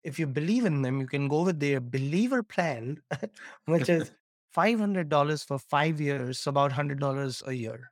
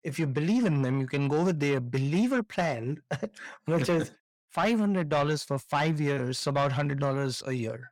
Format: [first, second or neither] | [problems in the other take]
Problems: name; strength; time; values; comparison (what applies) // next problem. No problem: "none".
first | distortion; slight; 10 dB below the speech